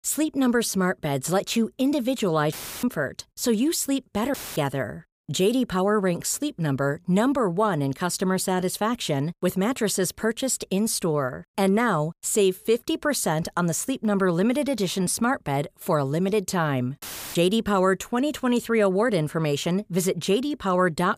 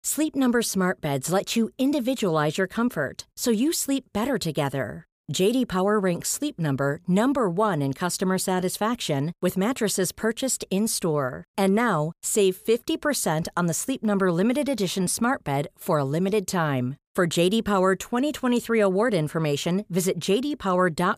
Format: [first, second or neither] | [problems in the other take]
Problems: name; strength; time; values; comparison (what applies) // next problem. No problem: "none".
second | audio cutting out; filled with static; at 2.5 s, at 4.5 s and at 17 s